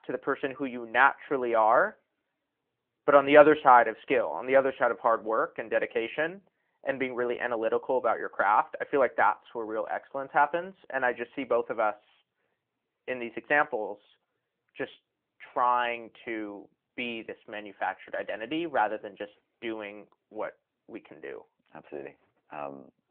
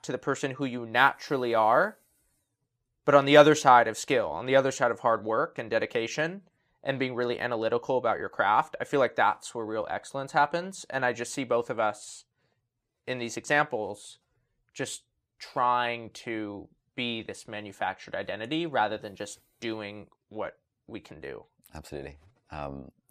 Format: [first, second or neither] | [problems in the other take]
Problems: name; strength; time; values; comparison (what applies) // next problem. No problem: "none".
second | phone-call audio